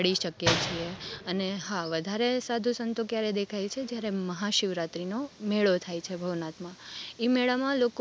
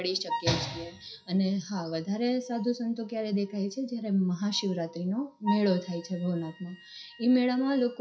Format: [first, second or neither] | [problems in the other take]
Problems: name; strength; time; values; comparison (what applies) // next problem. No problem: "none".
first | noise reduction (classical method WPE with log-MMSE)